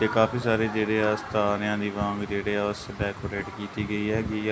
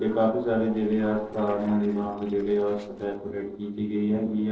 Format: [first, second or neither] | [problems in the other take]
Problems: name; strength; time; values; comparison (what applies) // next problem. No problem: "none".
first | noise reduction (neural separator model SepFormer DNS4)